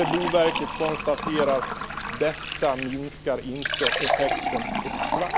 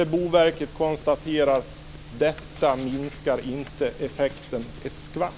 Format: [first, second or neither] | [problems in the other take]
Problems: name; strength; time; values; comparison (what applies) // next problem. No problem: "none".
second | background sound (Fill (with liquid)); 2 dB below the speech